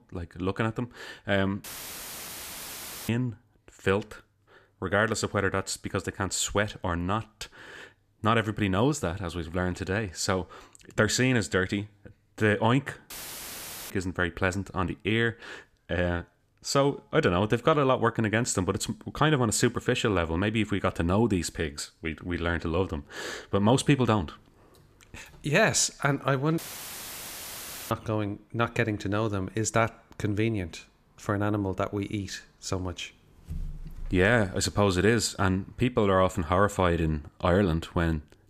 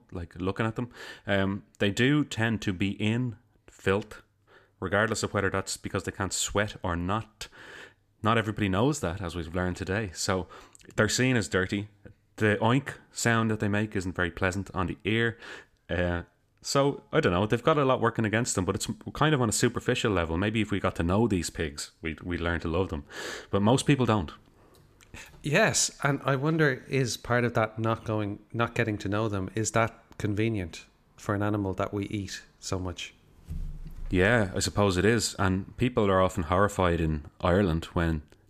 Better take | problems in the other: second | audio cutting out; filled with static; at 1.5 s for 1.5 s, at 13 s for 1 s and at 27 s for 1.5 s

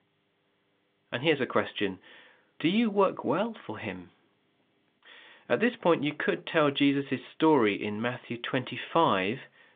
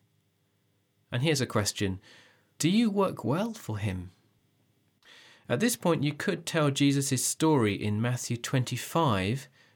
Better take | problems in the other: second | phone-call audio; nothing above 3.5 kHz

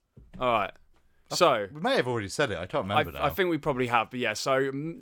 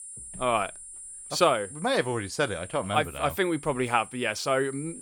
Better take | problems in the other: first | high-pitched whine; noticeable; throughout; 9.5 kHz, 15 dB below the speech

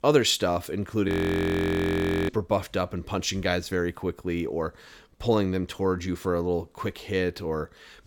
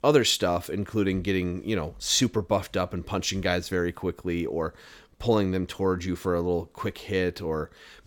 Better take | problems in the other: second | audio freezing; at 1 s for 1 s

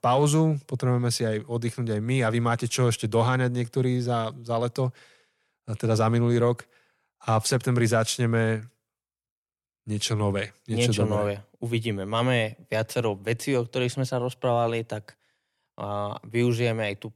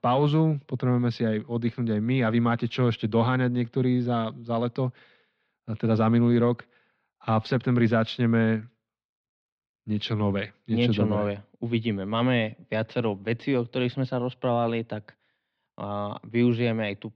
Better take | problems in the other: first | muffled; slightly; fading above 4 kHz

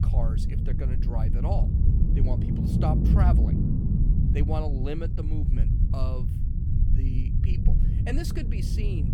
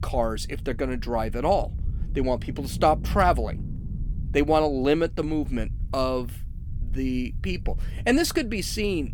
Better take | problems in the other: second | low rumble; loud; throughout; 1 dB below the speech; faint in the second

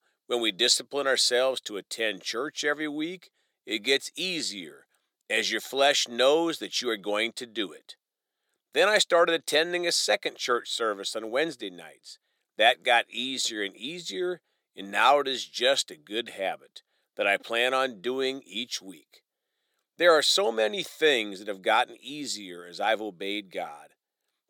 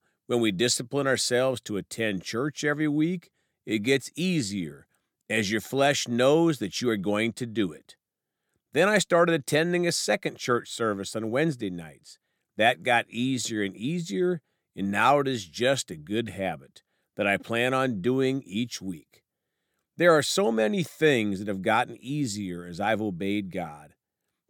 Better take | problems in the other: second | thin; somewhat; fading below 500 Hz

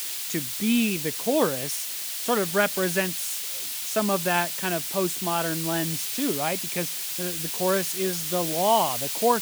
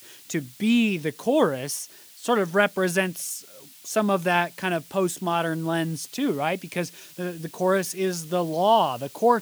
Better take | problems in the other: second | hiss; loud; throughout; 1 dB below the speech; faint in the second

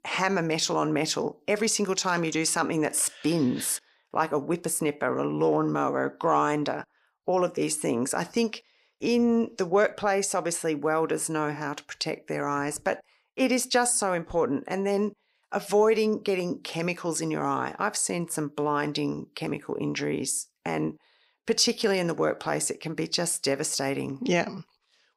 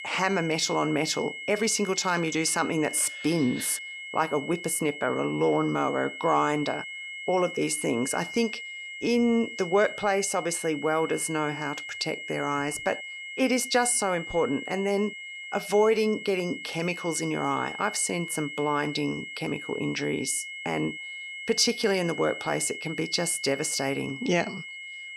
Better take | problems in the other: first | high-pitched whine; loud; throughout; 2 kHz, 9 dB below the speech

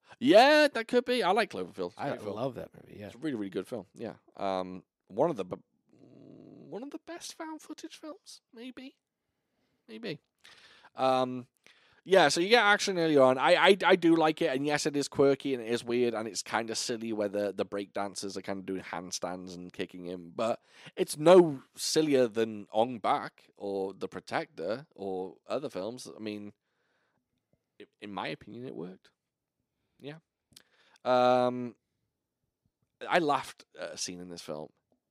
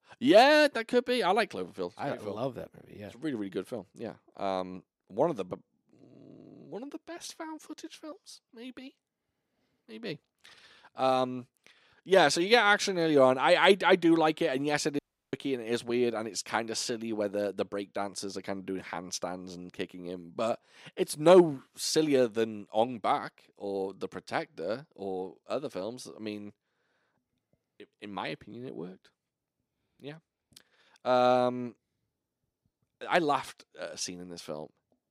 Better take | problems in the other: first | audio cutting out; at 15 s

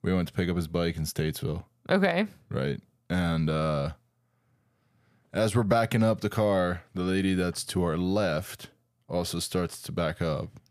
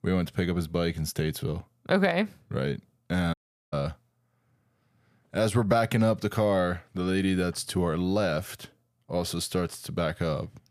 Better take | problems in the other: first | audio cutting out; at 3.5 s

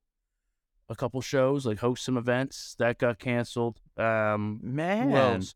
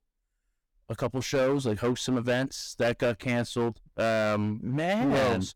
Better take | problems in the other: first | distortion; heavy; 11% of the sound clipped

